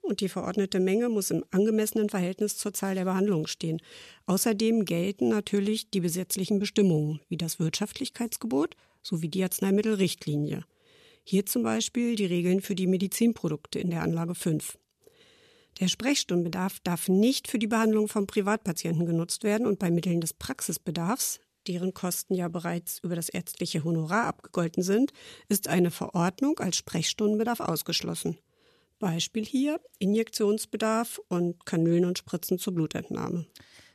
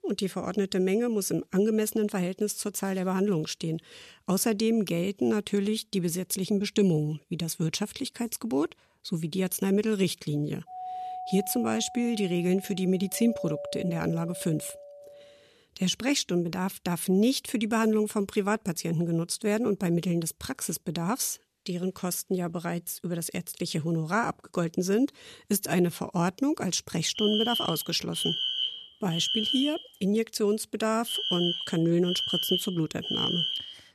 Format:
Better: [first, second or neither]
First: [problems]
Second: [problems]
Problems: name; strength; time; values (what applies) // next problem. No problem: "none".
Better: first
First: none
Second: doorbell; noticeable; from 11 to 15 s; peak 8 dB below the speech // alarm; loud; from 27 s on; peak 2 dB above the speech